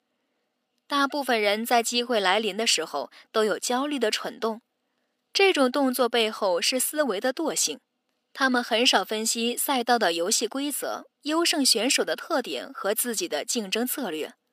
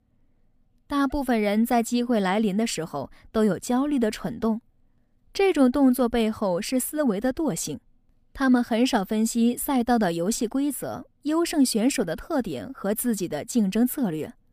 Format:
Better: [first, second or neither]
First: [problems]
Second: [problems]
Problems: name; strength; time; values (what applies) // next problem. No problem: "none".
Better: second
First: thin; somewhat; fading below 350 Hz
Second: none